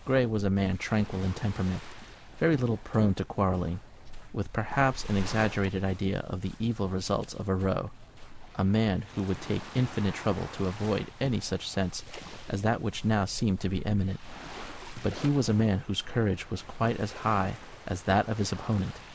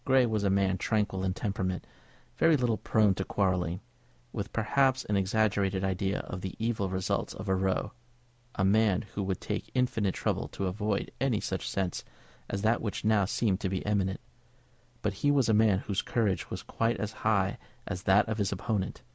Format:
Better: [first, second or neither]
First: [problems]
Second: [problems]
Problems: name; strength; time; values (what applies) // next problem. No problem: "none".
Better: second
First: background sound (Waves, surf); 13 dB below the speech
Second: none